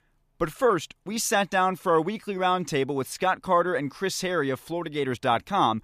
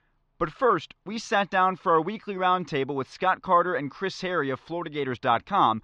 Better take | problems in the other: first | muffled; slightly; fading above 5 kHz

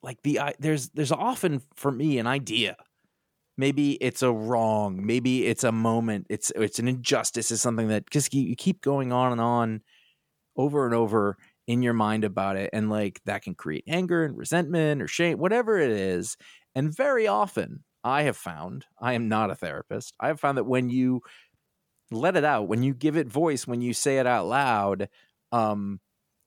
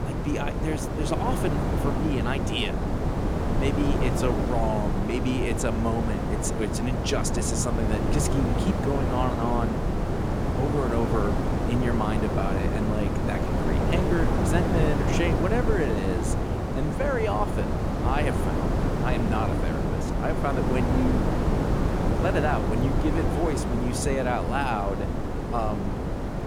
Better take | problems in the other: first | wind noise on the microphone; heavy; 1 dB below the speech

